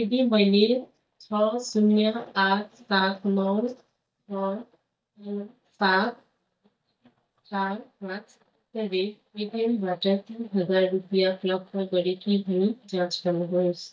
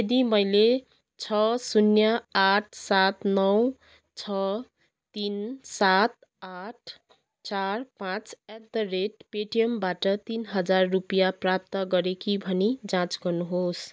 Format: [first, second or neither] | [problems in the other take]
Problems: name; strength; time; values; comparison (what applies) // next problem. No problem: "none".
second | noise reduction (neural mask model DeepFilterNet 3)